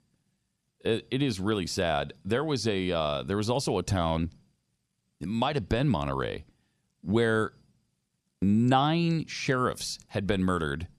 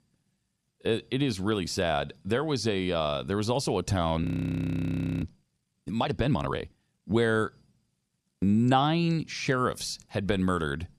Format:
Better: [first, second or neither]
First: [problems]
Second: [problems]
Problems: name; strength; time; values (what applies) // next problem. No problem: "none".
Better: first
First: none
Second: audio freezing; at 4 s for 1 s